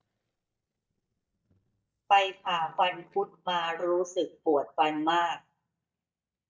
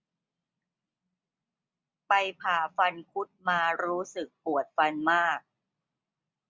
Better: second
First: noise reduction (neural mask model DeepFilterNet 3)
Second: none

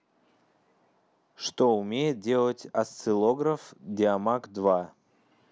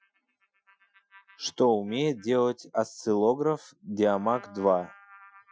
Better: first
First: none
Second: noise reduction (classical method Wiener filter)

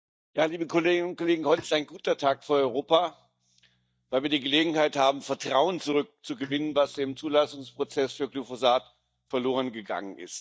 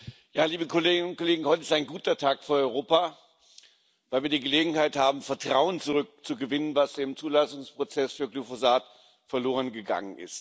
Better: second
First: noise reduction (neural mask model DeepFilterNet 3)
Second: none

